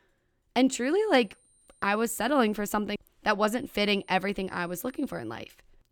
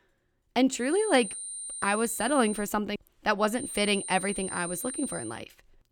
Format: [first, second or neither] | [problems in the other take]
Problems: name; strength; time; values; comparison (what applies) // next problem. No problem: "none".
first | high-pitched whine; loud; from 1 to 2.5 s and from 3.5 to 5.5 s; 9 kHz, 8 dB below the speech; faint in the first